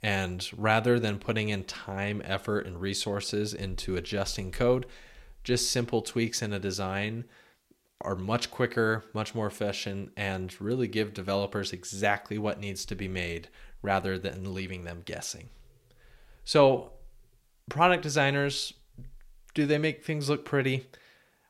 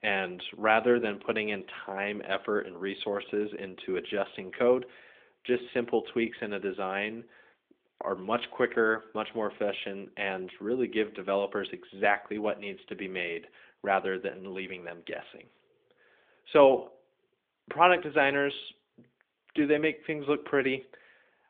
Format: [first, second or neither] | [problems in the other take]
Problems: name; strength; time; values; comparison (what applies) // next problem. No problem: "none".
first | phone-call audio